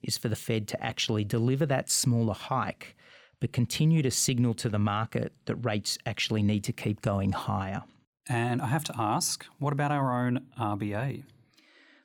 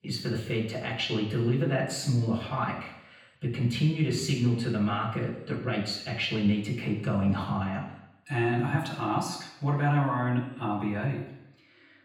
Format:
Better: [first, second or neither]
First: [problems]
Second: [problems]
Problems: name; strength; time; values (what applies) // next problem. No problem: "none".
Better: first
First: none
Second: room echo; noticeable; dies away in 0.9 s // off-mic speech; far